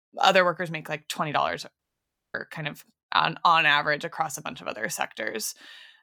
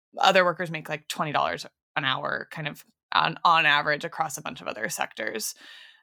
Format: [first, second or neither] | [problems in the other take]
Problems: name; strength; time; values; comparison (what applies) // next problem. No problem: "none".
second | audio cutting out; at 2 s for 0.5 s